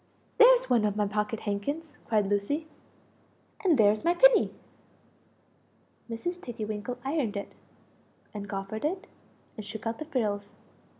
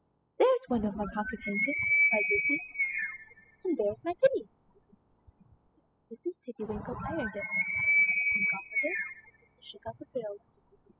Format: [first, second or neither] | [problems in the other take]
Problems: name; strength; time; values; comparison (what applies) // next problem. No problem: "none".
first | noise reduction (classical method spectral subtraction)